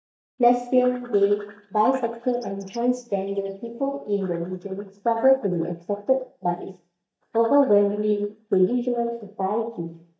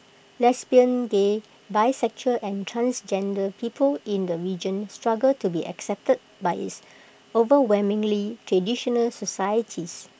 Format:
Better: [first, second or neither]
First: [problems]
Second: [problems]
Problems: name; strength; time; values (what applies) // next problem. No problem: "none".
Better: second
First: noise reduction (neural mask model DeepFilterNet 3)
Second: none